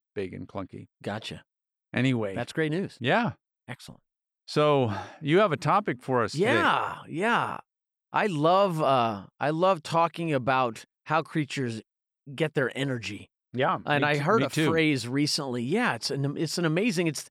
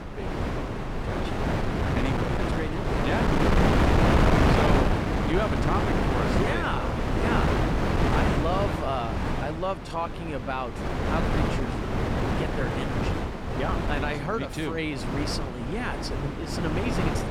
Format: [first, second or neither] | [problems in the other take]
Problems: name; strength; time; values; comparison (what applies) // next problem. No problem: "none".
first | wind noise on the microphone; heavy; 3 dB above the speech